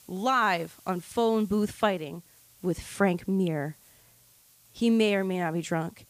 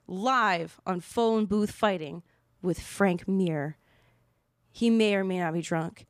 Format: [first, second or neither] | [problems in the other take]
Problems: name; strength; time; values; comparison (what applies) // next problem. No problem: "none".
second | hiss; faint; throughout; 25 dB below the speech